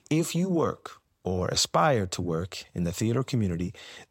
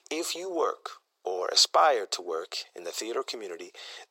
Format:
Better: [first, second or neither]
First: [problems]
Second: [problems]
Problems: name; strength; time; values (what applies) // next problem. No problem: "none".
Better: first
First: none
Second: thin; very; fading below 400 Hz